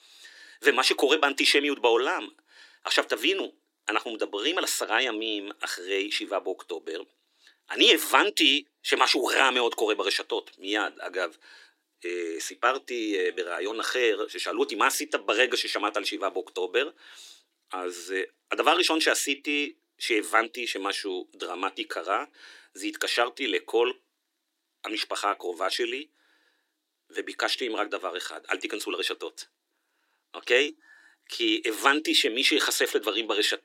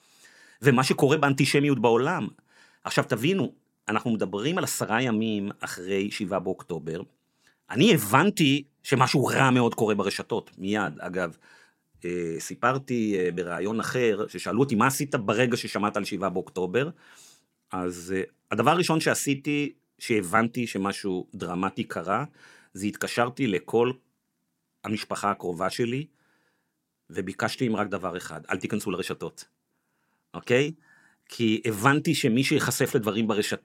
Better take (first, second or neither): second